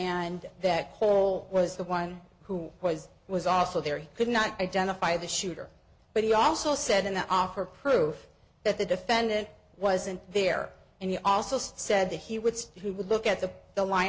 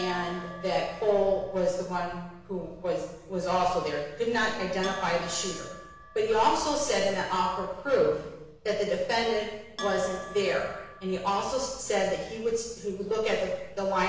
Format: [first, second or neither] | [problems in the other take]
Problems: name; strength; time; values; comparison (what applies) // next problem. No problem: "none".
first | background sound (Bell); 18 dB below the speech // room echo; dies away in 0.9 s